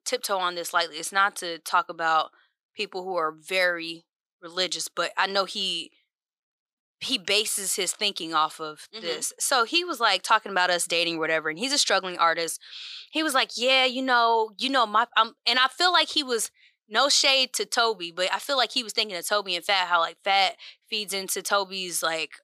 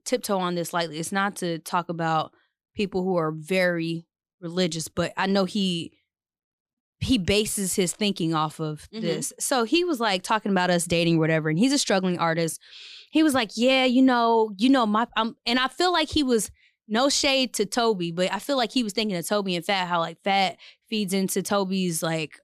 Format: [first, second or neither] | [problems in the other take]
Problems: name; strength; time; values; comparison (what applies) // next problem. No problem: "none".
second | thin; very; fading below 550 Hz